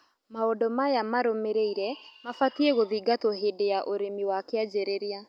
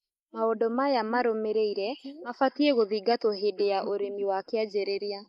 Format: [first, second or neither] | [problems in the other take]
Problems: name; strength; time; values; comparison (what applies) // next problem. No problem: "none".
first | noise reduction (neural mask model Resemble Enhance denoiser)